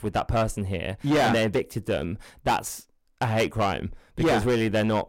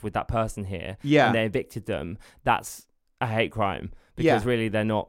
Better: second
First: distortion; heavy; 10% of the sound clipped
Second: none

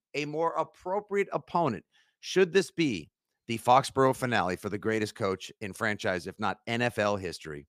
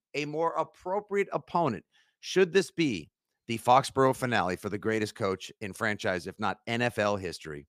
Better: neither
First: none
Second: none

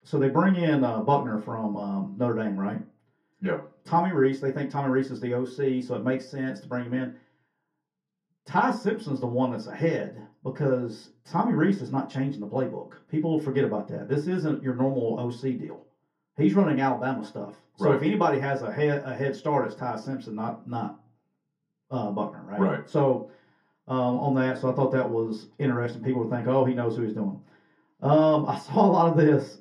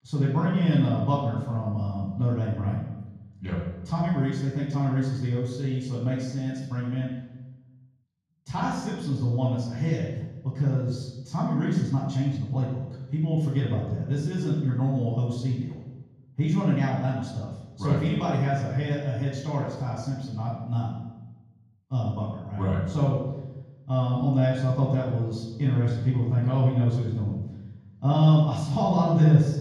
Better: first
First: room echo; slight; dies away in 0.3 s // off-mic speech; far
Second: room echo; strong; dies away in 1.3 s // off-mic speech; far

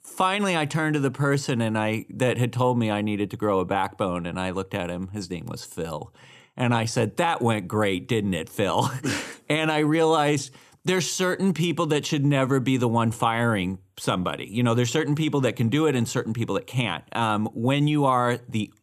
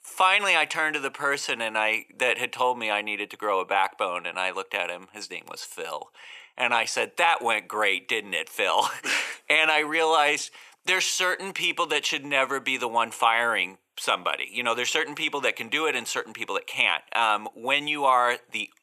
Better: first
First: none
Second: thin; very; fading below 700 Hz

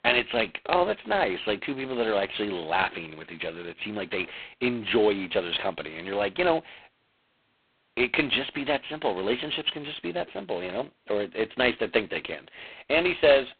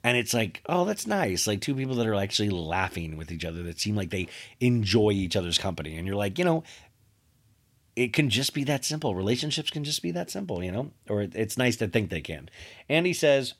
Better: second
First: phone-call audio; poor line; nothing above 4 kHz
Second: none

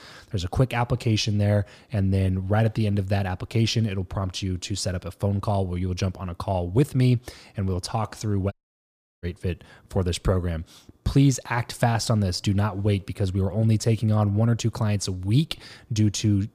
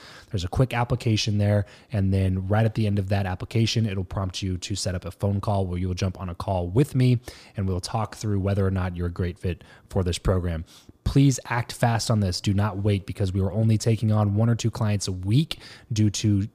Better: second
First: audio cutting out; at 8.5 s for 0.5 s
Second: none

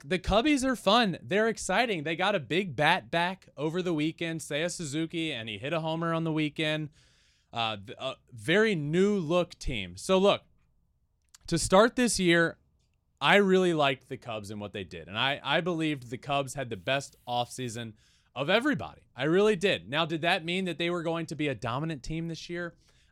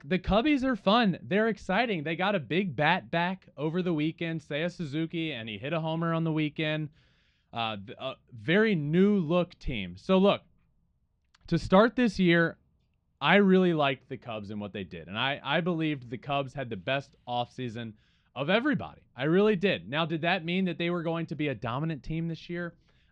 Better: first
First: none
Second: muffled; slightly; fading above 3.5 kHz

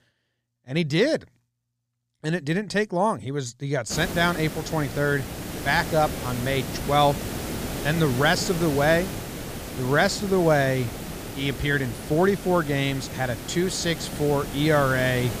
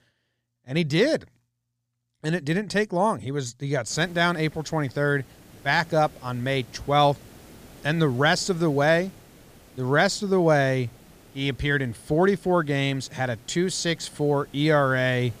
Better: second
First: hiss; loud; from 4 s on; 9 dB below the speech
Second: hiss; faint; from 4 s on; 25 dB below the speech

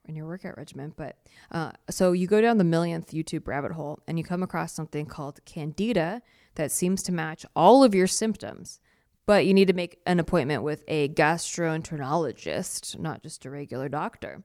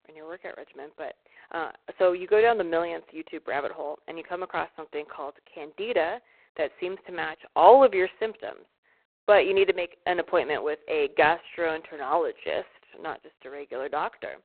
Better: first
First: none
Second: phone-call audio; poor line; nothing above 4 kHz

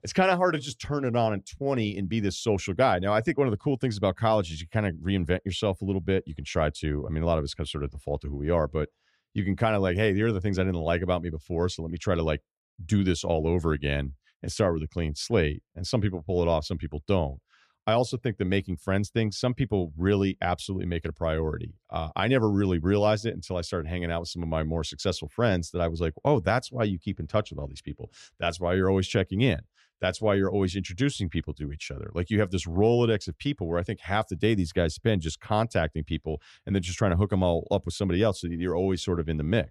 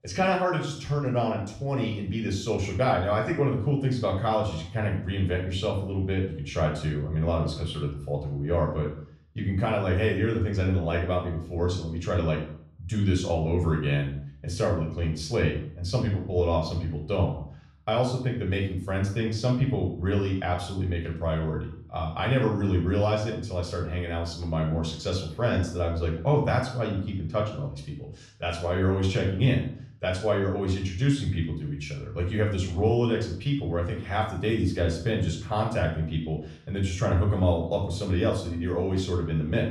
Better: first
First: none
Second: off-mic speech; far // room echo; noticeable; dies away in 0.5 s

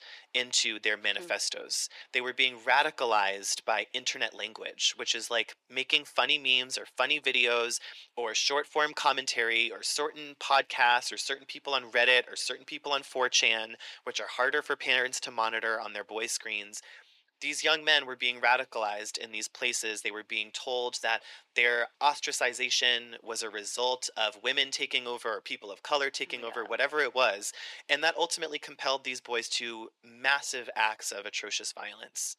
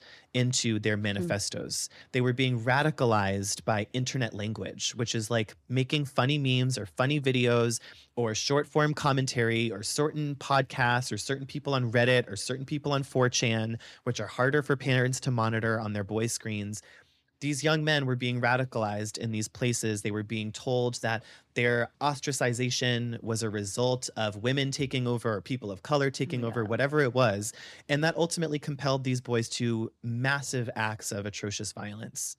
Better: second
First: thin; very; fading below 450 Hz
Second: none

